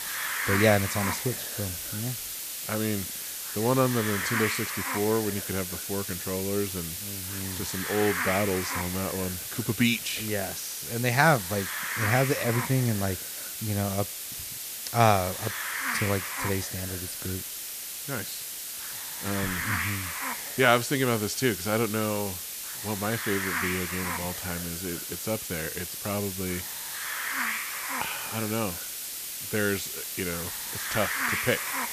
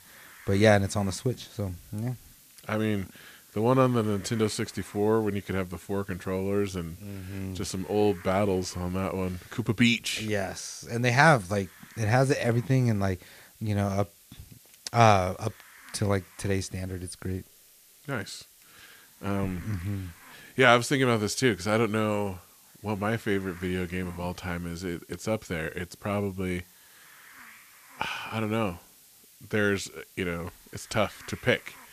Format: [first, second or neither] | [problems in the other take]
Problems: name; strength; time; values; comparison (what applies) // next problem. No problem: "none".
second | hiss; loud; throughout; 2 dB below the speech; faint in the second